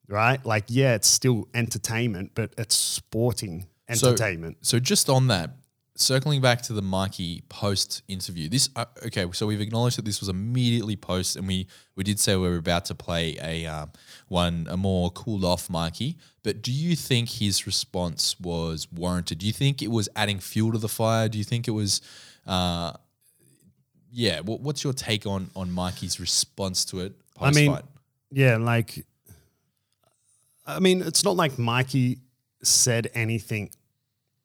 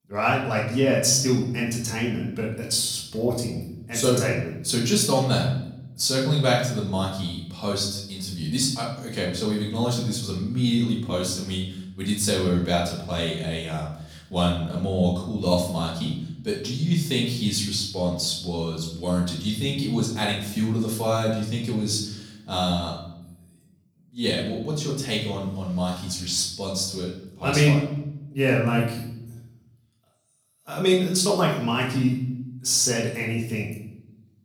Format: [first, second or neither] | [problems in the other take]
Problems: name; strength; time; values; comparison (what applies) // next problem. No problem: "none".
first | off-mic speech; far // room echo; noticeable; dies away in 0.7 s